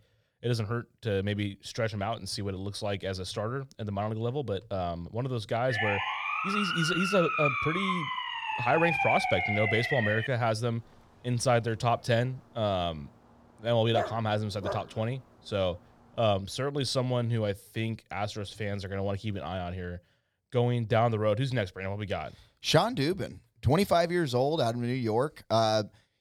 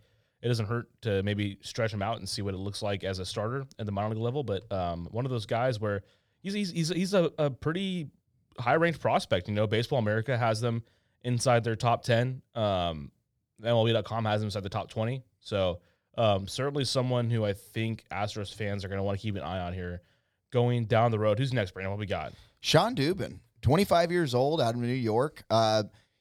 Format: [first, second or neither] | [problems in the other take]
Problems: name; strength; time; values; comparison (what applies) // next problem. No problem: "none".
second | siren; loud; from 5.5 to 10 s; peak 3 dB above the speech // dog barking; noticeable; at 14 s; peak 4 dB below the speech